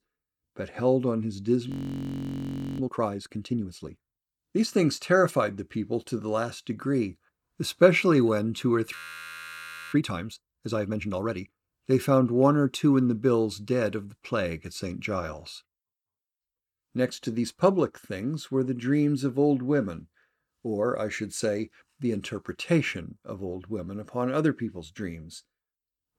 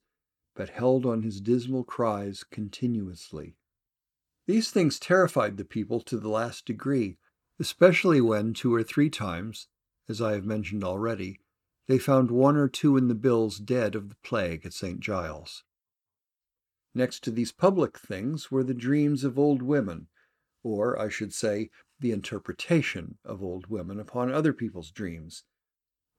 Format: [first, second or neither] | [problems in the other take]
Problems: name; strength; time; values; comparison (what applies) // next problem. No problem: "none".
second | audio freezing; at 1.5 s for 1 s and at 9 s for 1 s